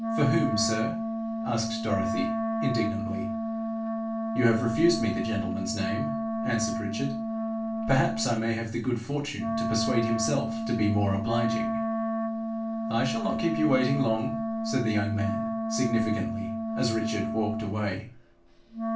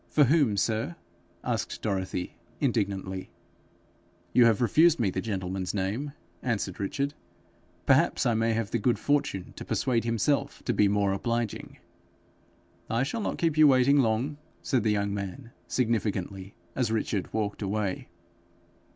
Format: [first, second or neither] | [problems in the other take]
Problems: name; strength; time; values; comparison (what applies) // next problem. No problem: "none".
second | background sound (Wind instrument, woodwind instrument); 1 dB below the speech // room echo; dies away in 0.3 s